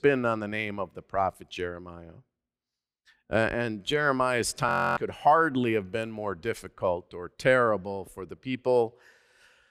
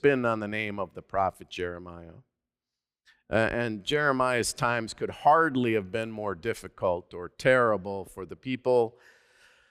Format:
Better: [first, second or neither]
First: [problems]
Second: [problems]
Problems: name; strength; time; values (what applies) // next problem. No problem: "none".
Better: second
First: audio freezing; at 4.5 s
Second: none